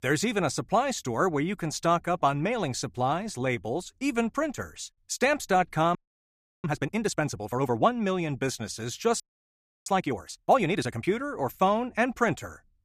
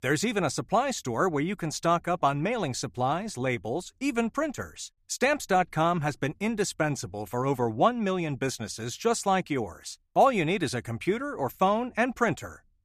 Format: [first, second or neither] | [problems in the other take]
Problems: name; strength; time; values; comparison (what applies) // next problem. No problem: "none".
second | audio freezing; at 6 s for 0.5 s and at 9 s for 0.5 s